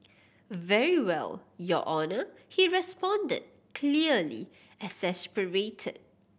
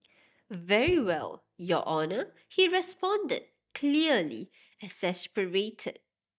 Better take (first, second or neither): first